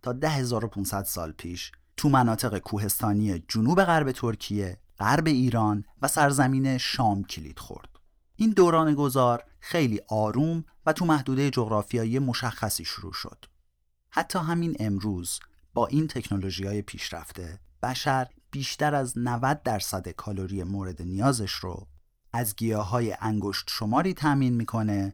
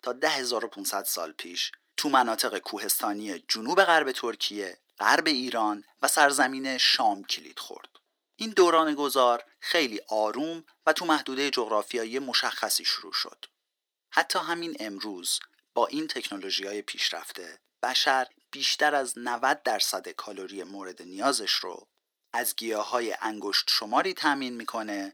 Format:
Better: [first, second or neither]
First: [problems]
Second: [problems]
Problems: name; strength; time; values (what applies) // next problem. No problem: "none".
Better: first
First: none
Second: thin; somewhat; fading below 350 Hz